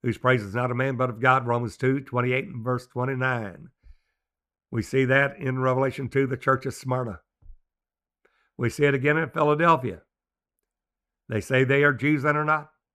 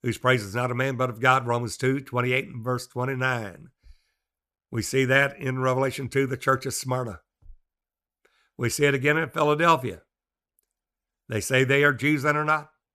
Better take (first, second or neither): second